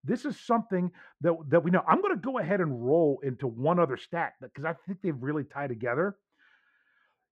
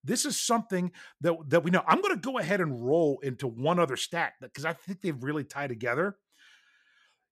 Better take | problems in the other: second | muffled; very; fading above 3.5 kHz

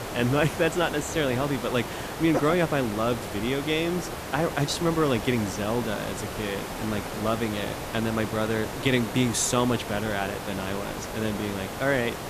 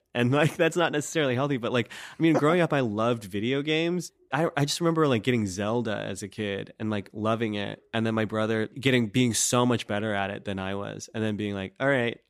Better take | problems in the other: second | hiss; loud; throughout; 7 dB below the speech

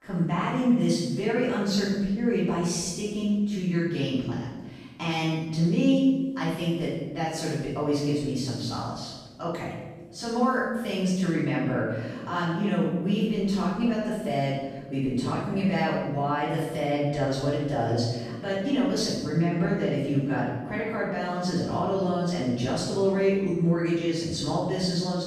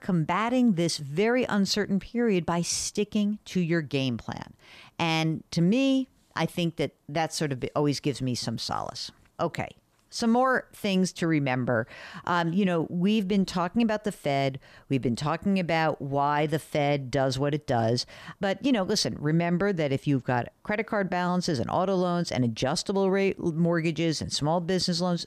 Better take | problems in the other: second | off-mic speech; far // room echo; strong; dies away in 1.1 s

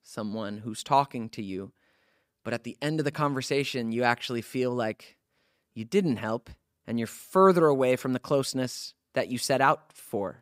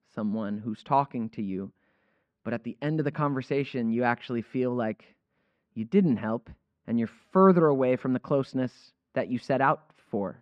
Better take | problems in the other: first | muffled; very; fading above 2 kHz

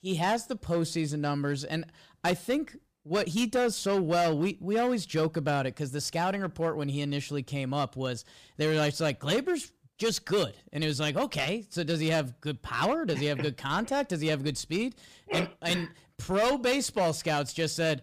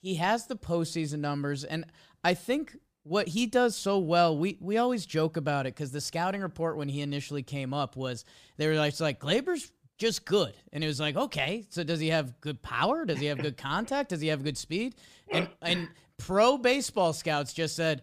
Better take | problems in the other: second | distortion; slight; 6% of the sound clipped

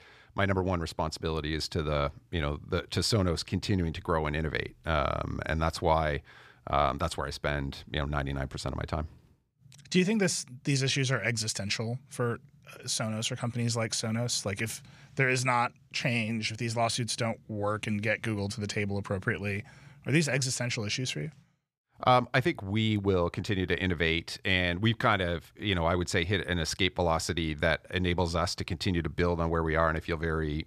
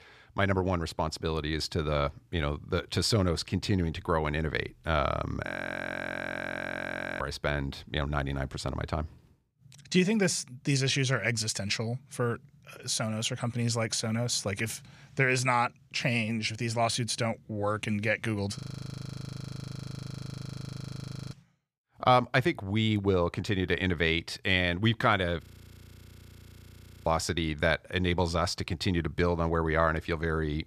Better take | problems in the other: first | audio freezing; at 5.5 s for 1.5 s, at 19 s for 2.5 s and at 25 s for 1.5 s

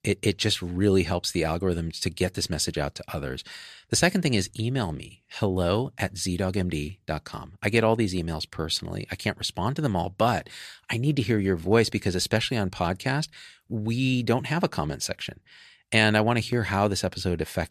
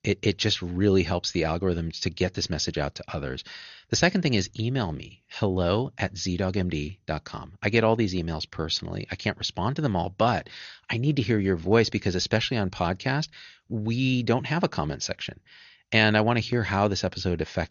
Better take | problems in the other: first | garbled, watery; slightly; nothing above 6.5 kHz

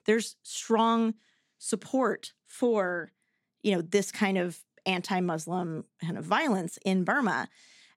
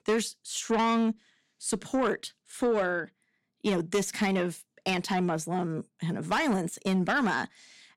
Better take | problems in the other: first | distortion; slight; 10 dB below the speech

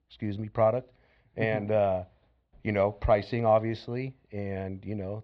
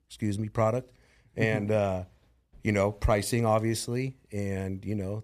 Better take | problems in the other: second | muffled; very; fading above 4 kHz

